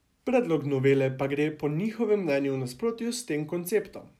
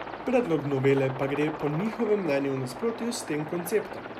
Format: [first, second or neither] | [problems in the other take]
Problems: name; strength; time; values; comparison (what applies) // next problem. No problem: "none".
first | background sound (Aircraft); 10 dB below the speech